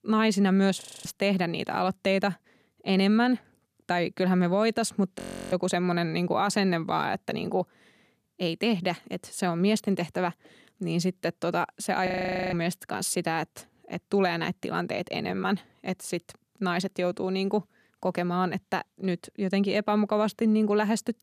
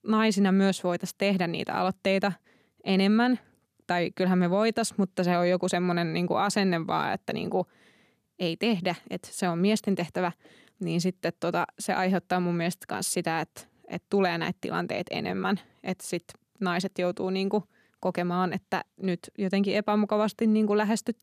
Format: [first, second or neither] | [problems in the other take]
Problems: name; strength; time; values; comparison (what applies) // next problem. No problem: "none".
second | audio freezing; at 1 s, at 5 s and at 12 s